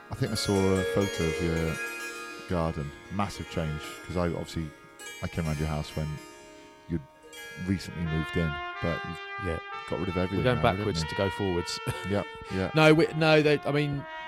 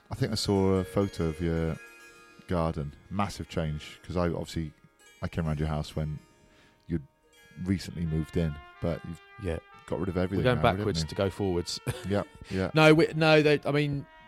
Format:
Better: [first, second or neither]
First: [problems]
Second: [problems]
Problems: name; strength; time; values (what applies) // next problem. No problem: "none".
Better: second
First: background music; loud; throughout; 9 dB below the speech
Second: background music; faint; throughout; 25 dB below the speech